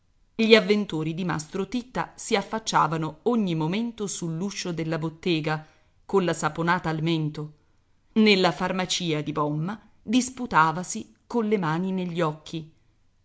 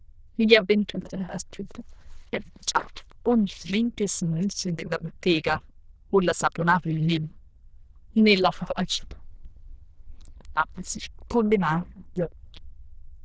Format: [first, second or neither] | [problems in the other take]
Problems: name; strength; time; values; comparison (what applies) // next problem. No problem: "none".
first | noise reduction (neural diffusion model UNIVERSE++)